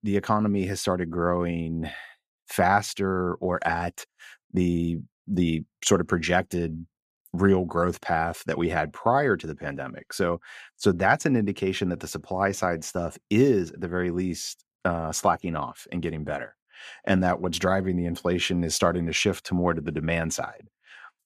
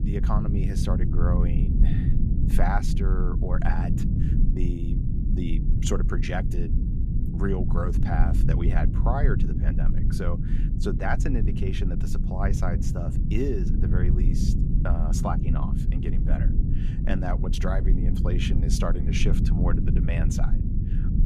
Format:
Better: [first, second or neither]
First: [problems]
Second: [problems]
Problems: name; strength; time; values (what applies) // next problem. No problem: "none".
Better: first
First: none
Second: low rumble; loud; throughout; 4 dB below the speech